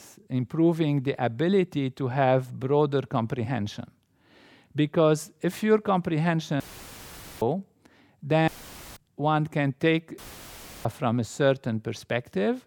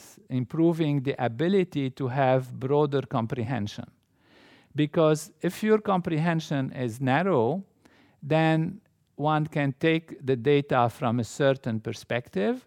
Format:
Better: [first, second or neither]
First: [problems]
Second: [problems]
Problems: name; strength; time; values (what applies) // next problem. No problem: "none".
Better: second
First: audio cutting out; filled with static; at 6.5 s for 1 s, at 8.5 s and at 10 s for 0.5 s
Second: none